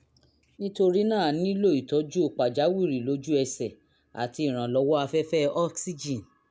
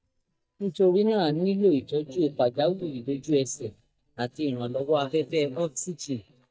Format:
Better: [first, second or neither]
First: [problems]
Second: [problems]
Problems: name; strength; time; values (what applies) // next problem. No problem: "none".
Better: first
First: none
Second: noise reduction (neural mask model DeepFilterNet 3)